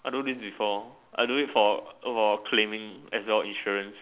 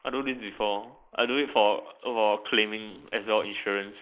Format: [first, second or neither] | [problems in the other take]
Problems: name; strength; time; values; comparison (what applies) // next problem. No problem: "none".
first | noise reduction (neural mask model Resemble Enhance denoiser)